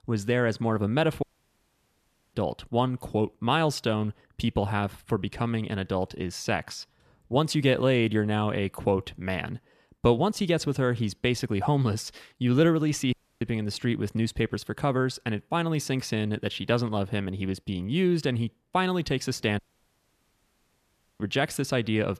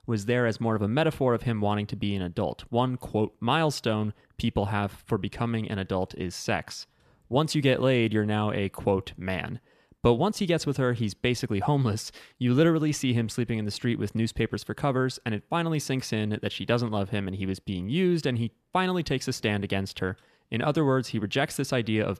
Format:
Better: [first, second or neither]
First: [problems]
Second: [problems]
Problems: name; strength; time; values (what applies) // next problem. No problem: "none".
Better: second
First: audio cutting out; at 1 s for 1 s, at 13 s and at 20 s for 1.5 s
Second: none